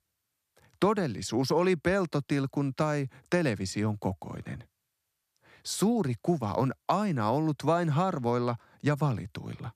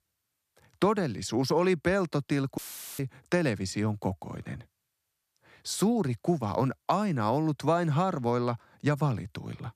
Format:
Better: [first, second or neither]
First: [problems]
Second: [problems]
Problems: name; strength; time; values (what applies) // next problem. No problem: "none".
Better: first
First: none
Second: audio cutting out; filled with static; at 2.5 s